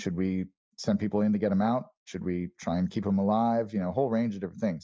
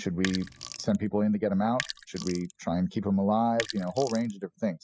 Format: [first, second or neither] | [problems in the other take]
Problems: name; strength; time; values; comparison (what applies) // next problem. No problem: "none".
first | noise reduction (classical method spectral subtraction)